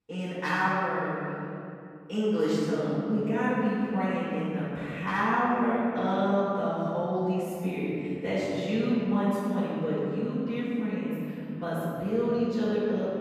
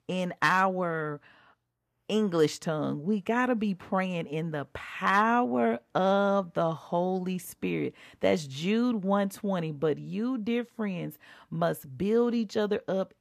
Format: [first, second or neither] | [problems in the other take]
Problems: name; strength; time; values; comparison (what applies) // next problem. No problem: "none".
second | off-mic speech; far // room echo; strong; dies away in 2.8 s